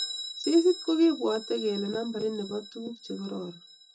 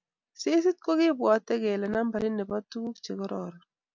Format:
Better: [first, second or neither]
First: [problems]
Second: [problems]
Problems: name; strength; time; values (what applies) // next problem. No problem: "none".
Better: second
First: background sound (Bell); 12 dB below the speech // room echo; dies away in 0.2 s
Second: none